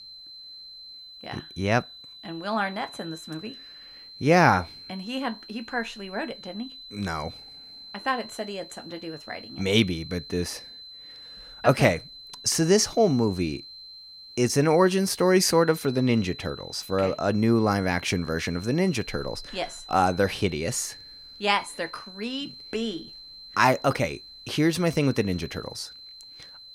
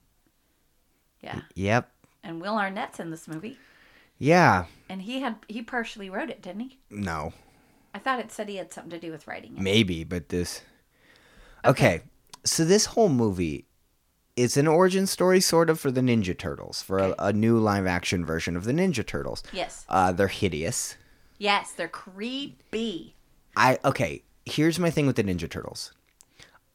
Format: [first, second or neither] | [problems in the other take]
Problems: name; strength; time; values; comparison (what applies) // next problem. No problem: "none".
second | high-pitched whine; noticeable; throughout; 4 kHz, 15 dB below the speech